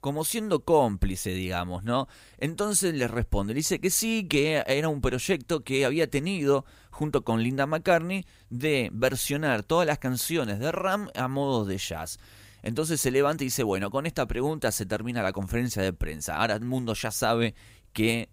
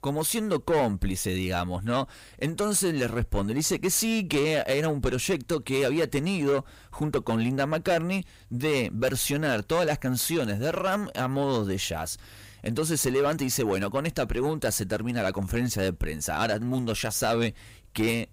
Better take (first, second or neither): first